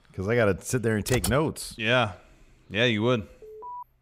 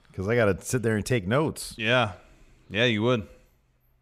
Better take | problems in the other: second | keyboard typing; noticeable; at 1 s; peak 5 dB below the speech // alarm; faint; at 3.5 s; peak 15 dB below the speech

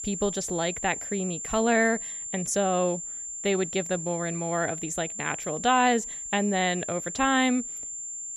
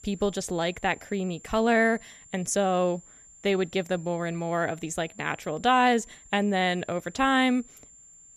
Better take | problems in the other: second | high-pitched whine; loud; throughout; 7.5 kHz, 6 dB below the speech; faint in the second

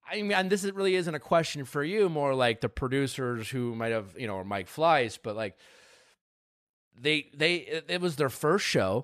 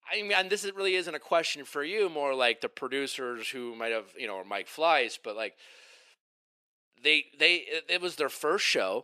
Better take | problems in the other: first | thin; somewhat; fading below 350 Hz

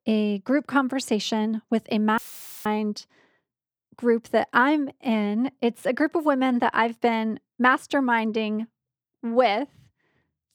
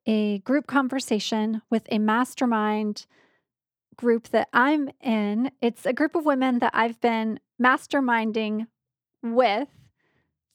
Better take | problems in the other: second | audio cutting out; filled with static; at 2 s

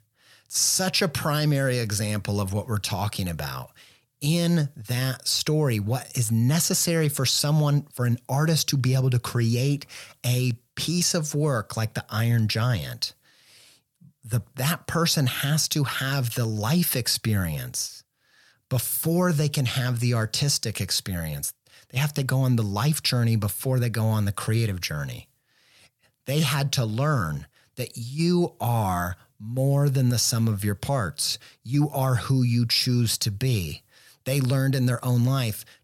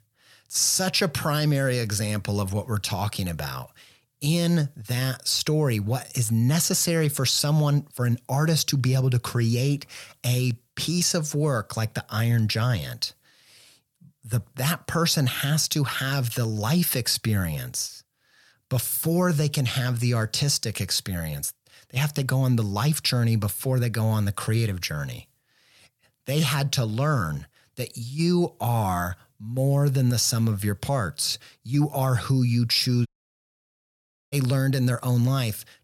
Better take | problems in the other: first | audio cutting out; at 33 s for 1.5 s

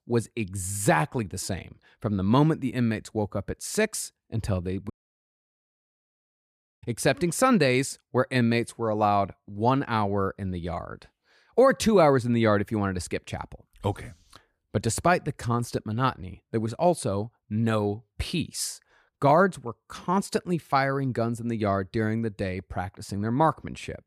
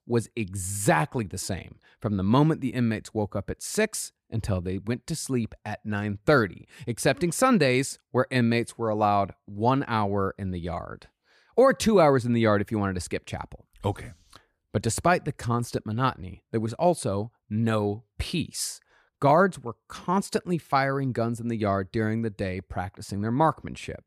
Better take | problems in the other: second | audio cutting out; at 5 s for 2 s

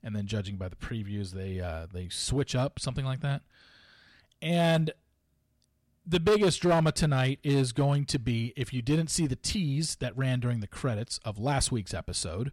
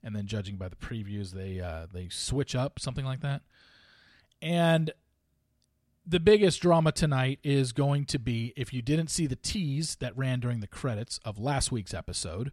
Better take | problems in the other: second | distortion; slight; 3% of the sound clipped

